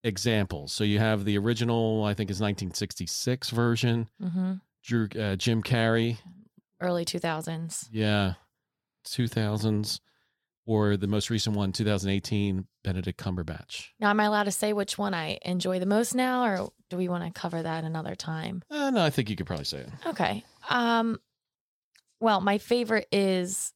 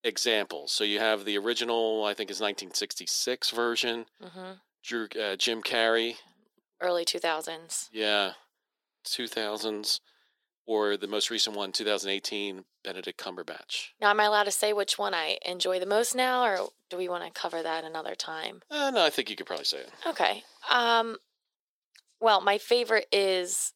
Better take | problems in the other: first | thin; very; fading below 350 Hz

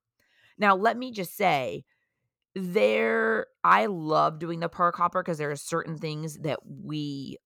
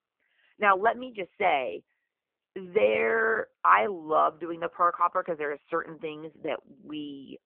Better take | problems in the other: first | phone-call audio; poor line; nothing above 3 kHz

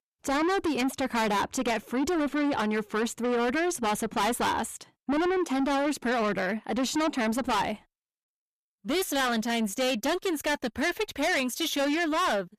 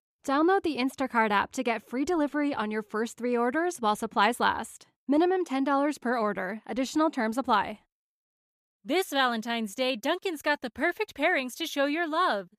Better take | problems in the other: second | distortion; heavy; 6 dB below the speech

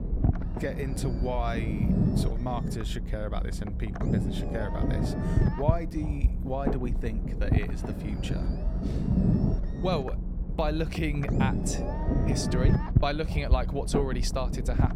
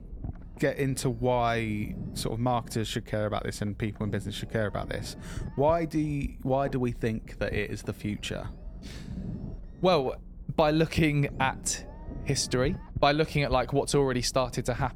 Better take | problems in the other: second | low rumble; loud; throughout; 3 dB below the speech; faint in the second

